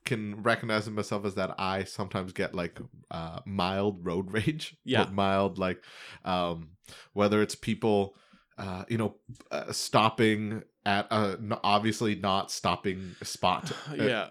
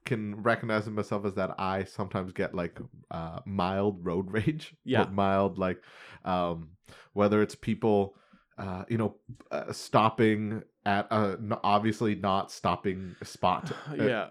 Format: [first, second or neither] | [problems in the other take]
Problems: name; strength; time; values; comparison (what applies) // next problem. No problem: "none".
first | muffled; slightly; fading above 2.5 kHz